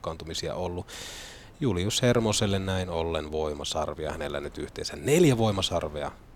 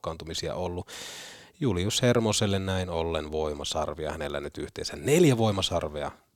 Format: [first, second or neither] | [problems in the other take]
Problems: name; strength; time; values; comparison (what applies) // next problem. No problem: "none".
second | wind noise on the microphone; occasional gusts; 25 dB below the speech